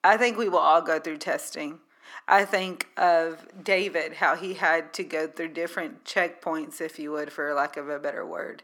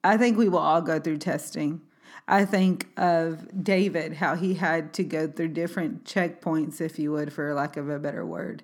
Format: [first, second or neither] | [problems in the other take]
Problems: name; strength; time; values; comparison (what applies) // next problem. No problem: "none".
second | thin; very; fading below 550 Hz